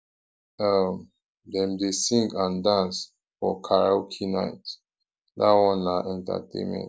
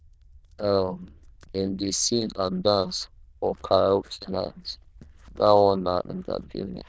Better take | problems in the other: first | noise reduction (neural diffusion model UNIVERSE++)

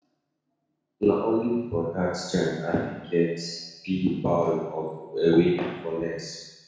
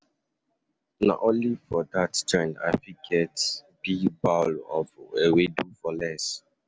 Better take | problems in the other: second | room echo; dies away in 1.1 s

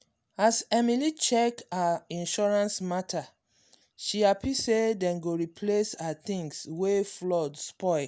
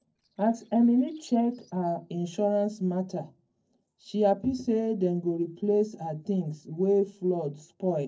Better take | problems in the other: first | noise reduction (neural separator model SepFormer DNS4)

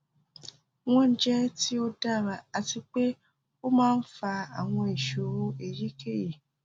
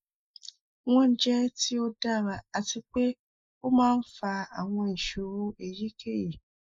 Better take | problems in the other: first | noise reduction (neural mask model Resemble Enhance denoiser)

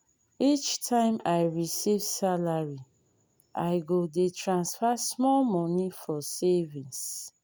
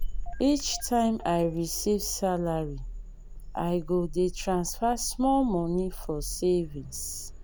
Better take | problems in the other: first | background sound (Engine starting / Car); 8 dB below the speech

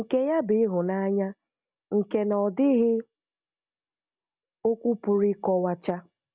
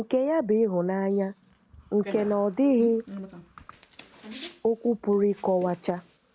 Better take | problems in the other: first | background sound (Bicycle); 18 dB below the speech

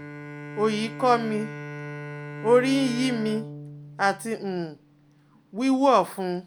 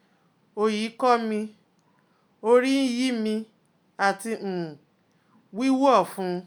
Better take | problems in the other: second | background sound (Bowed string instrument); 13 dB below the speech

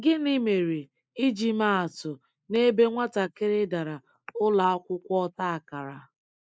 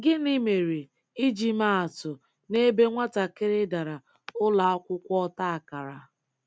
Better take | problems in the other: second | noise reduction (neural mask model Resemble Enhance denoiser)

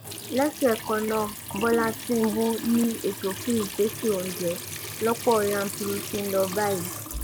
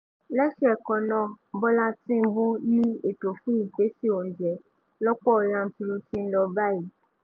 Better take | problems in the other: second | background sound (Trickle, dribble / Sink (filling or washing) / Water tap, faucet); 9 dB below the speech

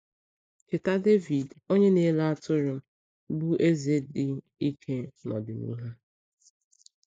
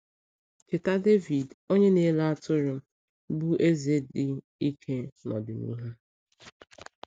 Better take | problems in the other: second | noise reduction (neural mask model Resemble Enhance denoiser)

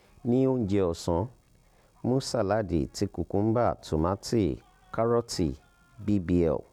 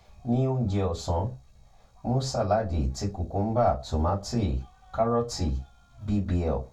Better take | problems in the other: first | room echo; dies away in 0.2 s

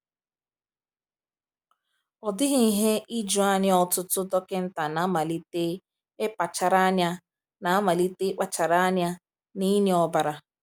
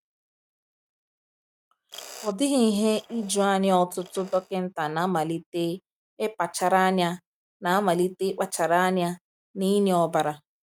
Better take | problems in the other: first | noise reduction (neural mask model RNNoise)

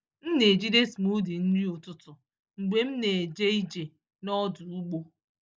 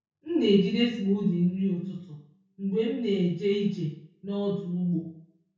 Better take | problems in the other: first | room echo; dies away in 0.6 s

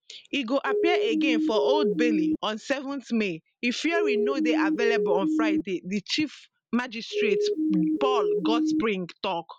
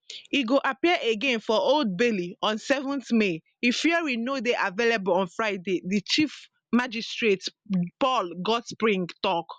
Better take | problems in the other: second | background sound (Siren); 4 dB above the speech

